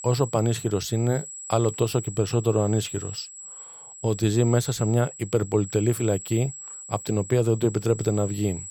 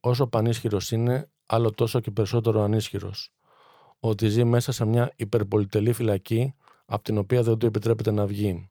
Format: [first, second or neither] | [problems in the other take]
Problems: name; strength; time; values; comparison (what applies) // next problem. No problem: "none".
second | high-pitched whine; noticeable; throughout; 8 kHz, 10 dB below the speech